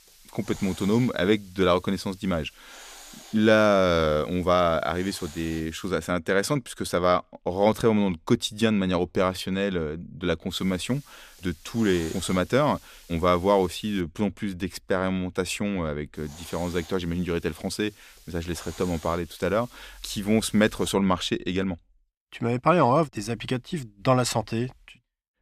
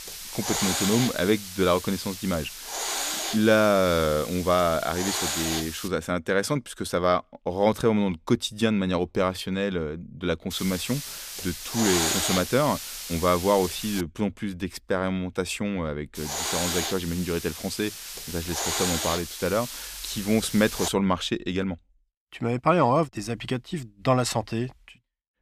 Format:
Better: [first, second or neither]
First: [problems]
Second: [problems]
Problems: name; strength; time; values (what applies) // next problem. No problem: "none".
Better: first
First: hiss; faint; until 6 s, from 11 to 14 s and from 16 to 21 s; 20 dB below the speech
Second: hiss; loud; until 6 s, from 11 to 14 s and from 16 to 21 s; 4 dB below the speech